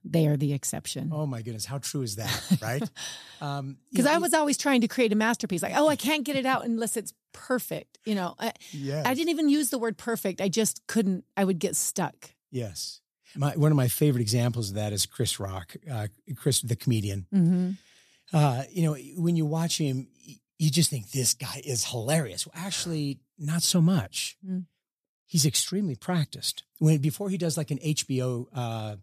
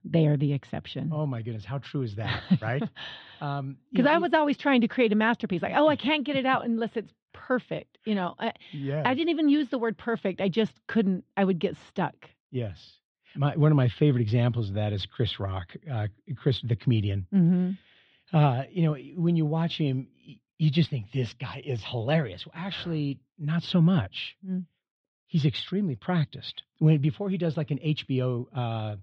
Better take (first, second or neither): first